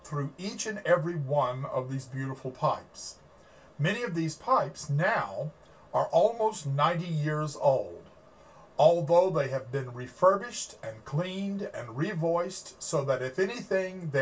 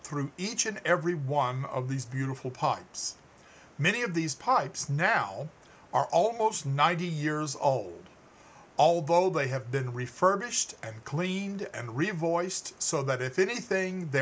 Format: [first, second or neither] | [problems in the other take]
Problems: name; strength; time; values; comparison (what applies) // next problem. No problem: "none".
second | room echo; dies away in 0.1 s